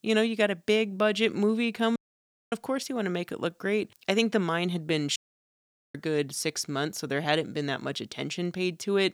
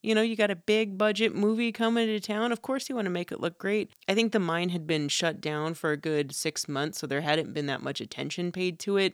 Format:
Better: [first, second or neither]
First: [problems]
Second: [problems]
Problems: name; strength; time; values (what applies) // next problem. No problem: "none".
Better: second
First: audio cutting out; at 2 s for 0.5 s and at 5 s for 1 s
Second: none